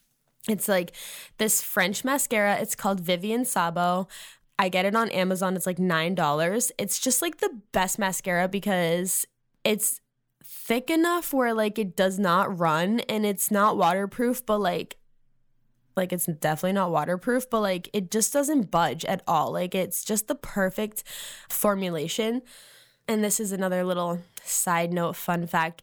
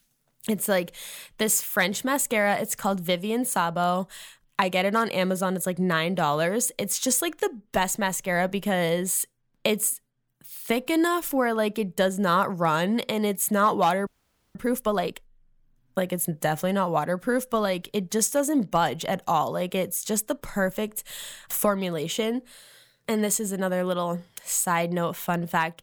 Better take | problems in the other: first | audio freezing; at 14 s

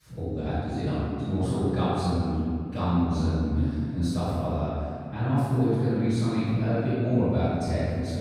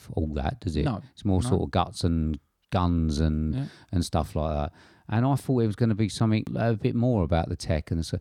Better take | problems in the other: second | off-mic speech; far // room echo; strong; dies away in 2.2 s

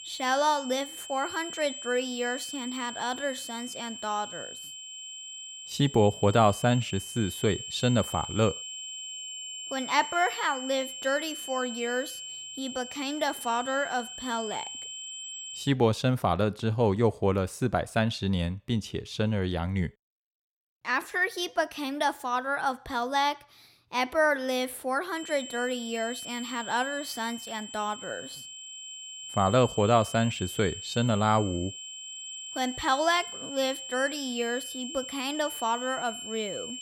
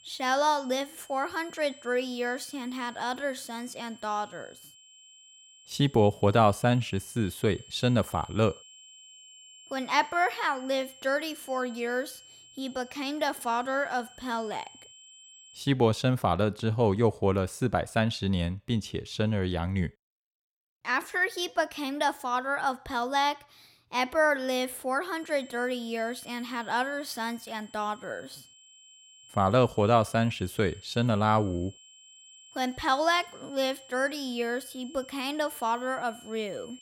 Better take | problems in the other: second | high-pitched whine; loud; until 16 s and from 25 s on; 3 kHz, 9 dB below the speech; faint in the second

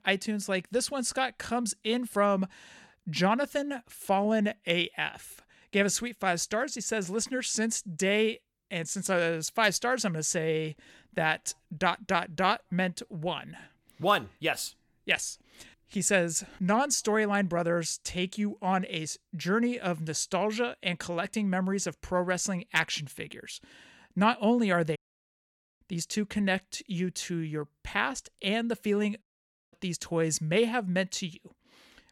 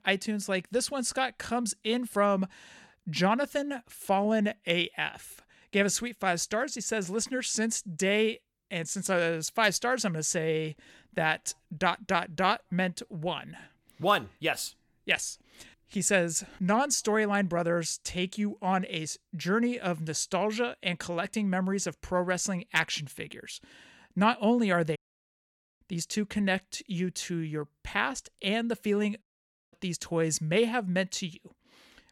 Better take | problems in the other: neither | audio cutting out; at 25 s for 1 s and at 29 s for 0.5 s; the same in both

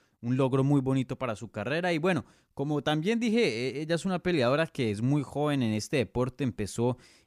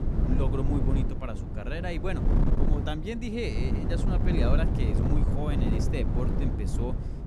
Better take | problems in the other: first | wind noise on the microphone; heavy; 1 dB below the speech

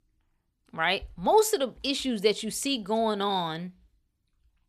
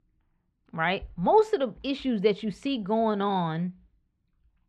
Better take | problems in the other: first | muffled; slightly; fading above 2 kHz

